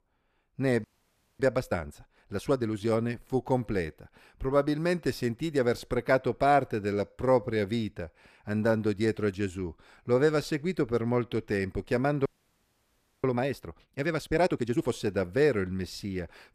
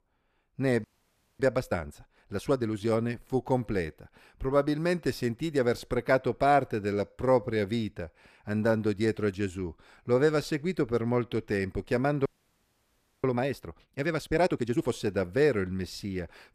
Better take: neither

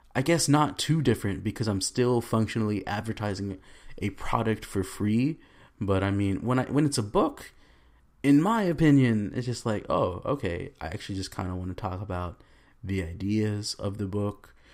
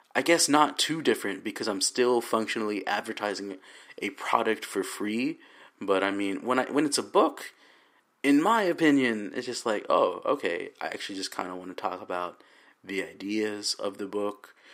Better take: first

